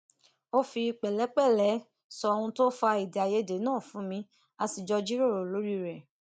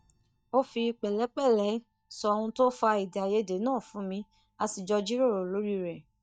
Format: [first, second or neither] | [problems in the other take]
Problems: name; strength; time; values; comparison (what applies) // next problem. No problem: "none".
first | noise reduction (neural mask model DeepFilterNet 3)